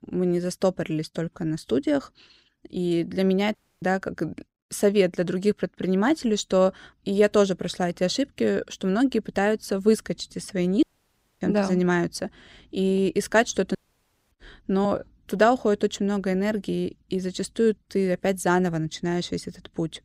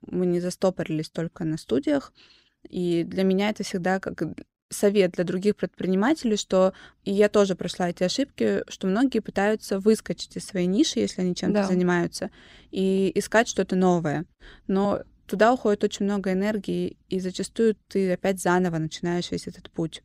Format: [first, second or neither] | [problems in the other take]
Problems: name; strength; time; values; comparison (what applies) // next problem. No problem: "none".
second | audio cutting out; at 3.5 s, at 11 s for 0.5 s and at 14 s for 0.5 s